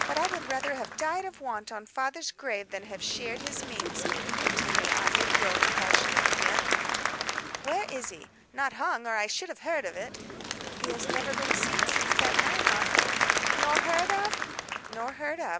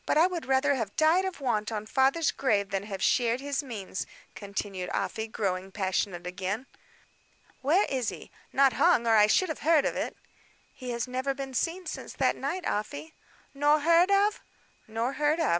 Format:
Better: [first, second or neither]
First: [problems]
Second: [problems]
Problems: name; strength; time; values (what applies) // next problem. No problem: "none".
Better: second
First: background sound (Applause / Crowd); 4 dB above the speech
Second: none